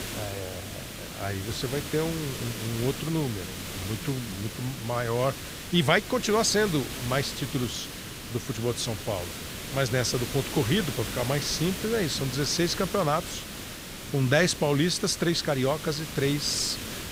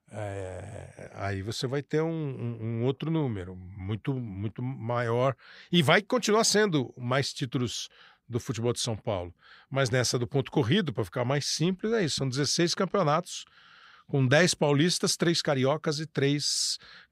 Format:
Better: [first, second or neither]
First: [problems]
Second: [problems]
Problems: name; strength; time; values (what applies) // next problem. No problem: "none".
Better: second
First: hiss; loud; throughout; 8 dB below the speech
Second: none